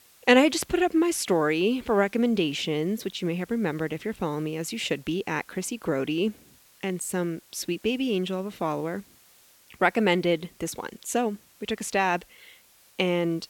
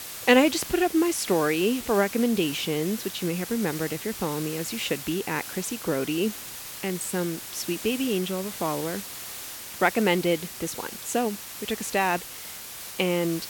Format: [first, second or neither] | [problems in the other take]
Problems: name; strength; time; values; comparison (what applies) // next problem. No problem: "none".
first | hiss; loud; throughout; 9 dB below the speech; faint in the first